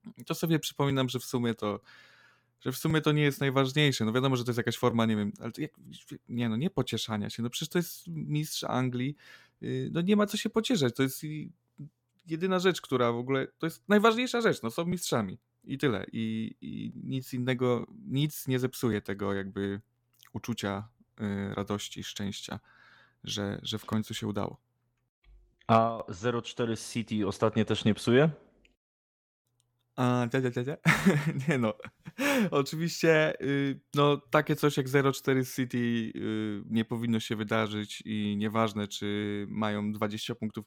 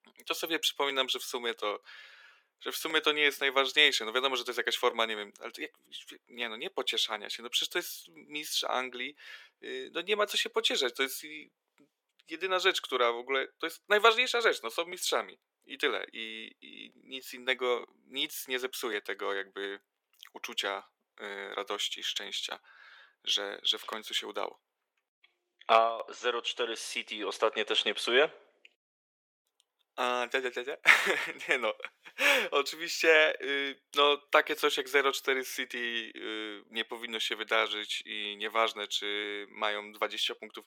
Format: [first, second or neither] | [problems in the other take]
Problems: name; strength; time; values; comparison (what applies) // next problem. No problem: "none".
first | thin; very; fading below 400 Hz